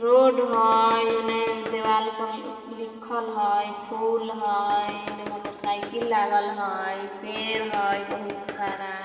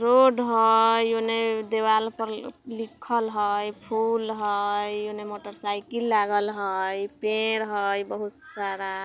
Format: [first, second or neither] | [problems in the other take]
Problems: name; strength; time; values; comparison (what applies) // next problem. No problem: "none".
second | background sound (Tools); 13 dB below the speech // room echo; dies away in 2.7 s